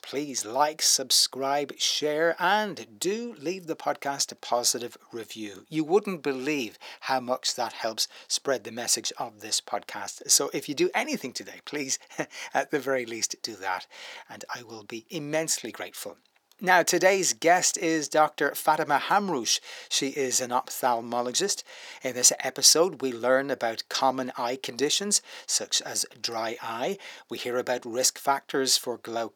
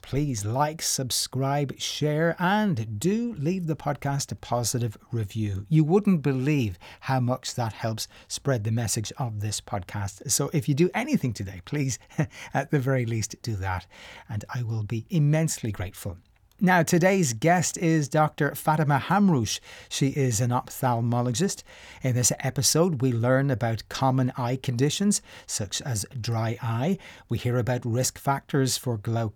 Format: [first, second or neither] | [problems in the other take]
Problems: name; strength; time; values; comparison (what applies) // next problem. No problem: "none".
second | thin; somewhat; fading below 350 Hz